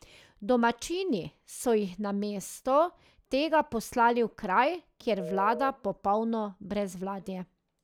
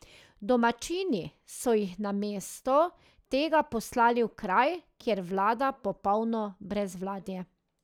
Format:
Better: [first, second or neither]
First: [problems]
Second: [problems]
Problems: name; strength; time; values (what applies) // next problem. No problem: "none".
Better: second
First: background sound (Telephone); 11 dB below the speech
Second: none